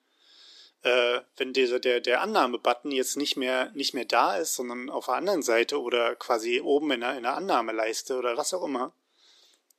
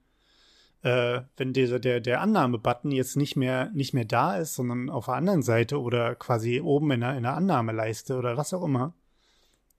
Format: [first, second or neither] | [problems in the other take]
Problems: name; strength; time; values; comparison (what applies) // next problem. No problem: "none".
second | thin; somewhat; fading below 300 Hz